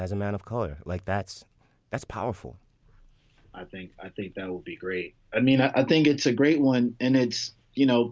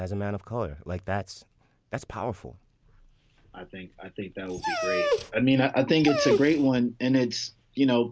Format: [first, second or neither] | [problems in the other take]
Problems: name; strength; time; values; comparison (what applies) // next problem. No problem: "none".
first | background sound (Dog); 2 dB below the speech